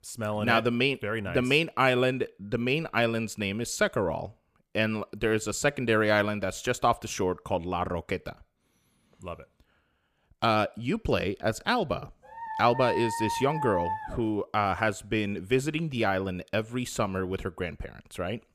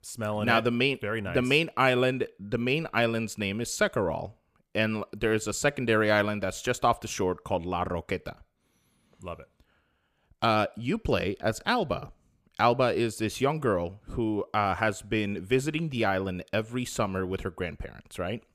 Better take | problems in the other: second | dog barking; noticeable; from 12 to 14 s; peak 4 dB below the speech

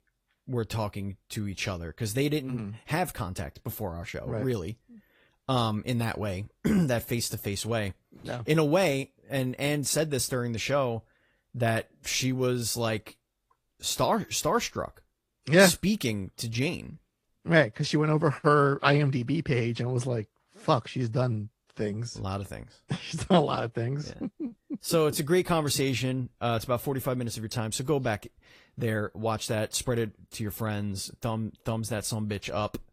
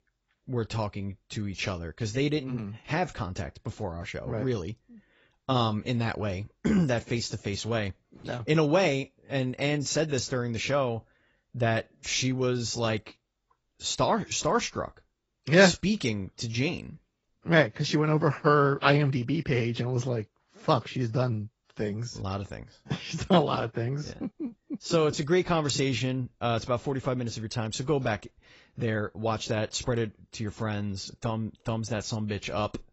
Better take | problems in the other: first | garbled, watery; badly; nothing above 7.5 kHz; slightly in the first

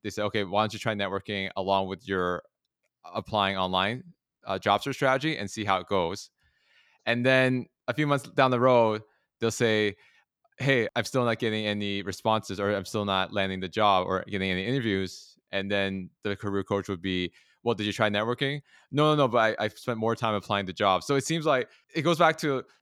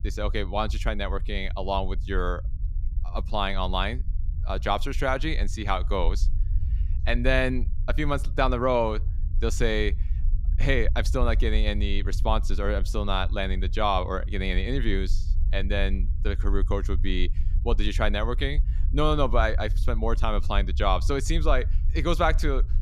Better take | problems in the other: first | low rumble; faint; throughout; 20 dB below the speech

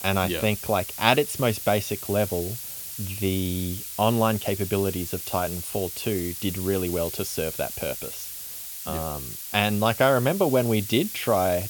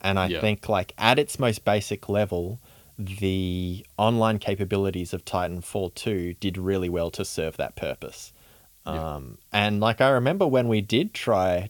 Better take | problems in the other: second | hiss; loud; throughout; 7 dB below the speech; faint in the second

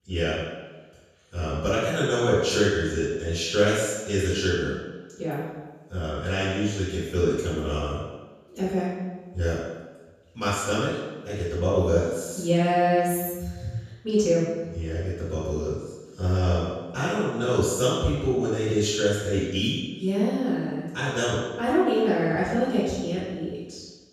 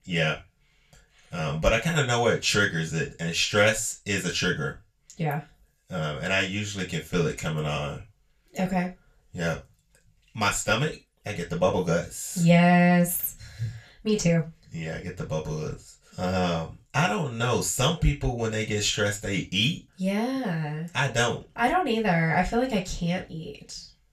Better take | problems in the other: second | room echo; strong; dies away in 1.2 s; slight in the second // off-mic speech; far; far in the second

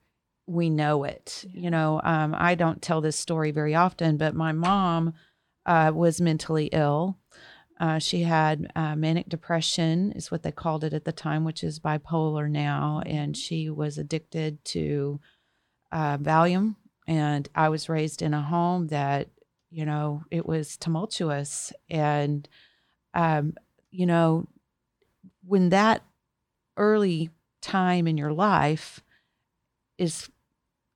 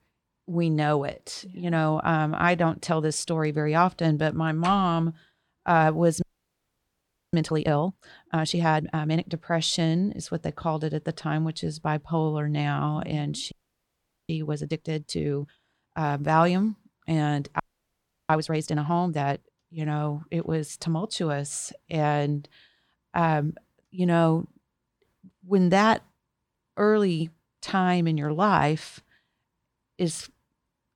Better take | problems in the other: first | audio freezing; at 6 s for 1 s, at 14 s for 1 s and at 18 s for 0.5 s

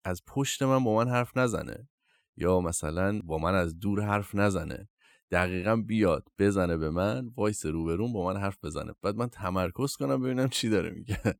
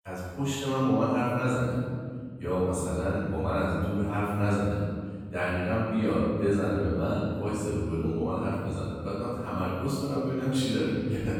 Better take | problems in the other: first | room echo; strong; dies away in 2.3 s // off-mic speech; far

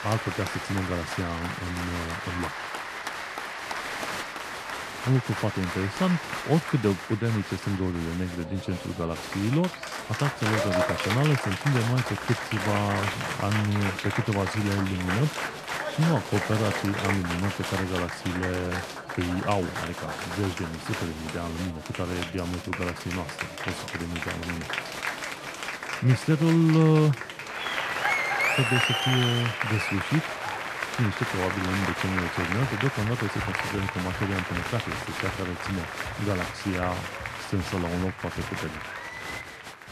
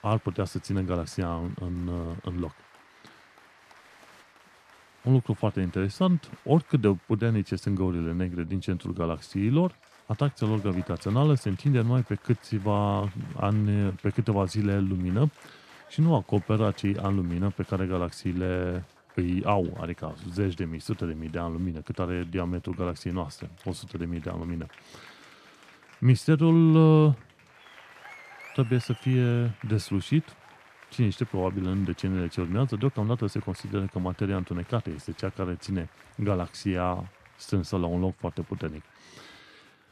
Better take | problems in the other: second | crowd noise; loud; throughout; 3 dB below the speech; faint in the second

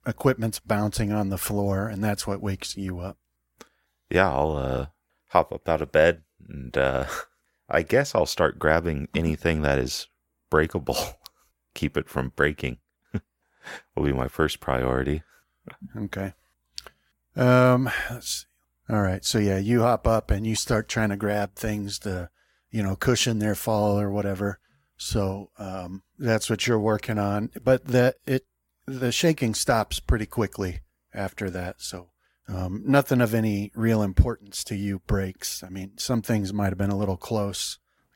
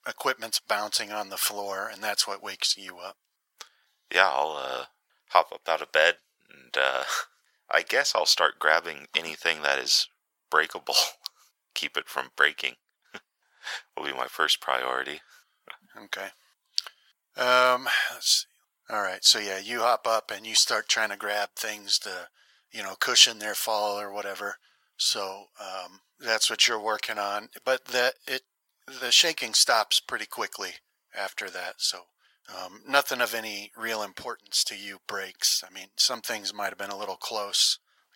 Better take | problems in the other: first | thin; very; fading below 900 Hz

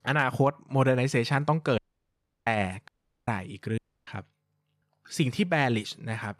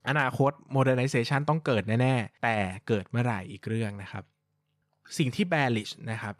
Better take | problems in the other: second | audio cutting out; at 2 s for 0.5 s, at 3 s and at 4 s

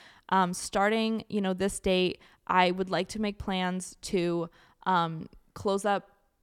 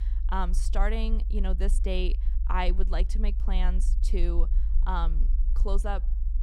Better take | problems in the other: first | low rumble; noticeable; throughout; 15 dB below the speech

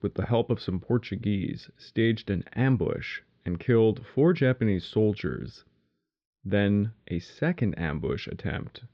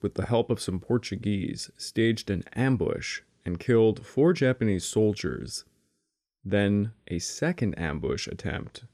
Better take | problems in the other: second | muffled; slightly; fading above 4 kHz

